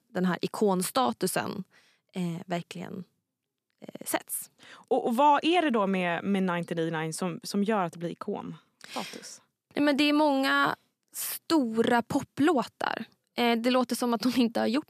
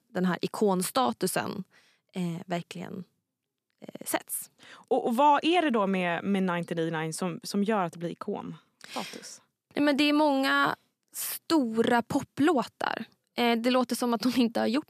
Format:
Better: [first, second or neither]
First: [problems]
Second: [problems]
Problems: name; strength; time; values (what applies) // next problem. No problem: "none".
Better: neither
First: none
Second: none